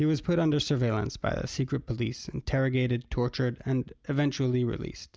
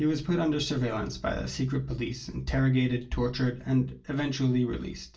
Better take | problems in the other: first | room echo; dies away in 0.3 s

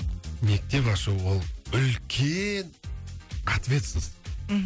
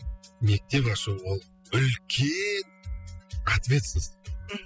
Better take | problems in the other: first | noise reduction (classical method spectral subtraction)

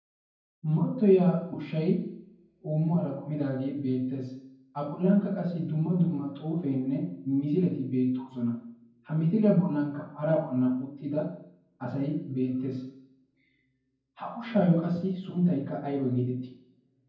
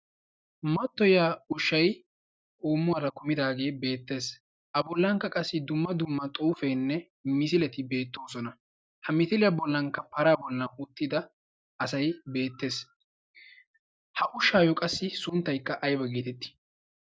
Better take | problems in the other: second | room echo; dies away in 0.9 s

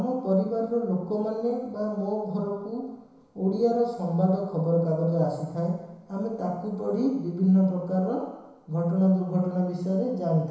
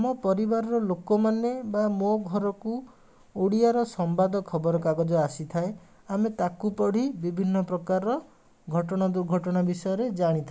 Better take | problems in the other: second | room echo; dies away in 1 s

